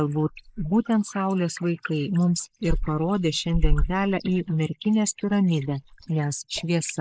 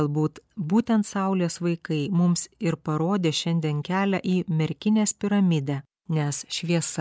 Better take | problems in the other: second | noise reduction (neural mask model Resemble Enhance denoiser)

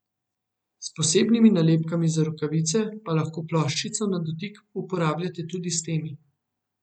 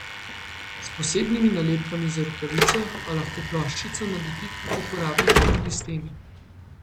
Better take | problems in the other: first | background sound (Slam / Alarm); 1 dB above the speech

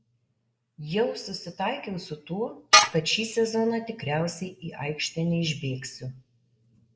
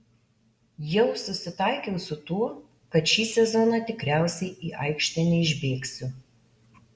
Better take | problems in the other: second | noise reduction (neural mask model Resemble Enhance denoiser)

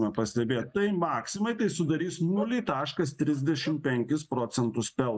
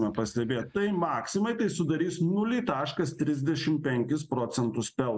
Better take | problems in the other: second | noise reduction (neural mask model DeepFilterNet 3)

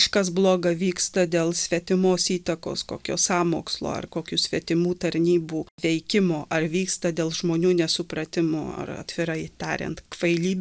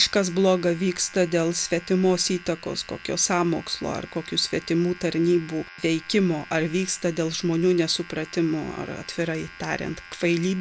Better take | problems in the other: first | background sound (Domestic sounds, home sounds); 20 dB below the speech

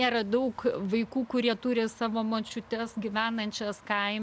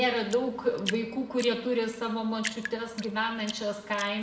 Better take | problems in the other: first | background sound (Drip); 13 dB below the speech // room echo; dies away in 0.7 s

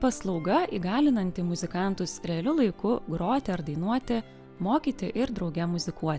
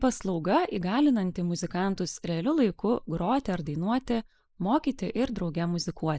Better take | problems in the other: first | noise reduction (neural mask model Resemble Enhance denoiser)

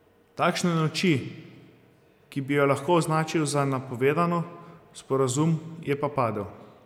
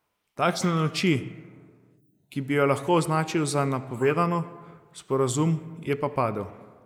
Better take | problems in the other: first | noise reduction (neural mask model Resemble Enhance denoiser)

